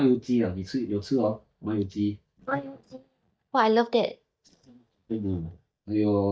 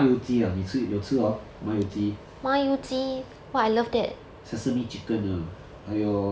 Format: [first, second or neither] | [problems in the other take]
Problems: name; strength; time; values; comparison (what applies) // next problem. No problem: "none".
second | noise reduction (neural mask model DeepFilterNet 3)